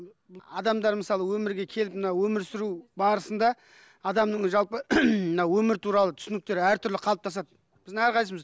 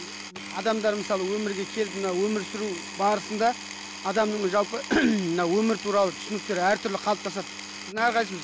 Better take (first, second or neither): first